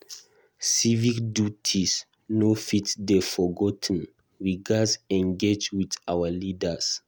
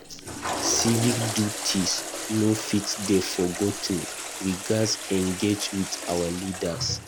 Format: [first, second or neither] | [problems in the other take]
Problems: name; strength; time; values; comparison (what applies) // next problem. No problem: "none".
first | background sound (Toilet flush); 6 dB below the speech